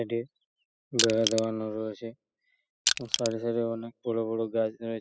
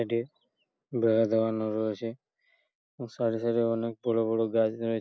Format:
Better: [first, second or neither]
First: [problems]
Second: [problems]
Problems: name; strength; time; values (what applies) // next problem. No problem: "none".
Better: second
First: noise reduction (classical method spectral subtraction)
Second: none